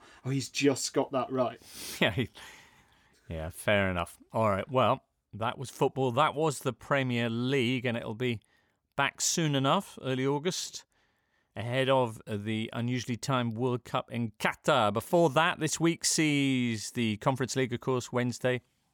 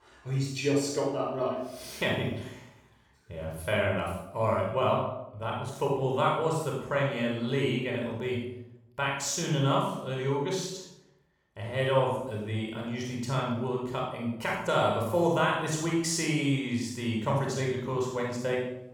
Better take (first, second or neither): first